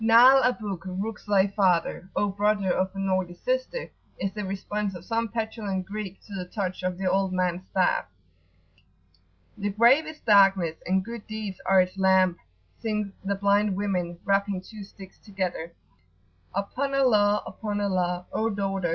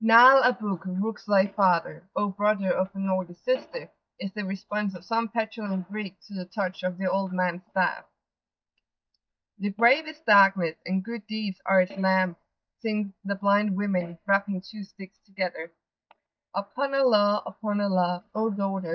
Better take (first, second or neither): first